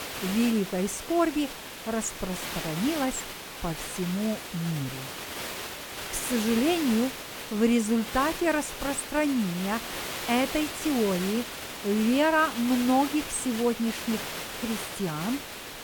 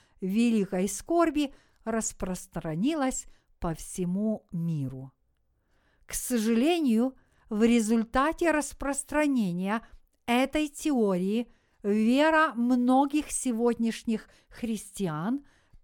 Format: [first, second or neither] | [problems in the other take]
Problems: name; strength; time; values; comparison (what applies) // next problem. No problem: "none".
second | hiss; loud; throughout; 7 dB below the speech